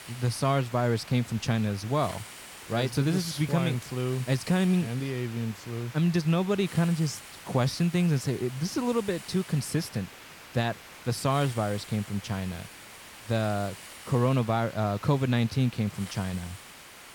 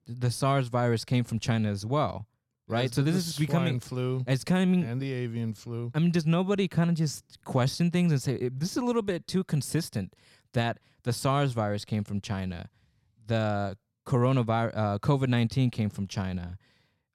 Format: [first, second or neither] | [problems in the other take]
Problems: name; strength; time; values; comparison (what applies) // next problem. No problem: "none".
second | hiss; noticeable; throughout; 15 dB below the speech